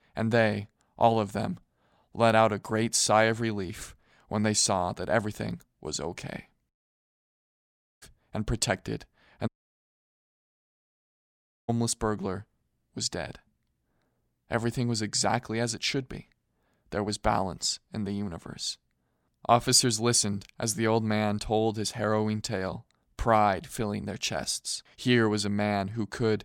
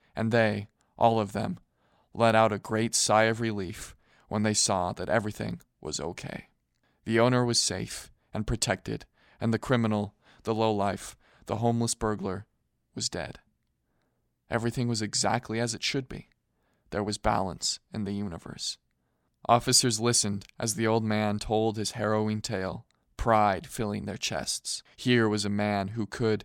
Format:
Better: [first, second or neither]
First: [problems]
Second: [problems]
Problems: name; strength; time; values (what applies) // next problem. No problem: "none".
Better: second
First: audio cutting out; at 6.5 s for 1.5 s and at 9.5 s for 2 s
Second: none